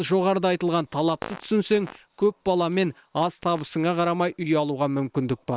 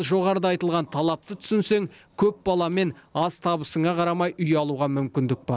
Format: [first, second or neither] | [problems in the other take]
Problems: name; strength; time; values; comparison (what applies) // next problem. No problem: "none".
second | noise reduction (neural separator model SepFormer WHAM!)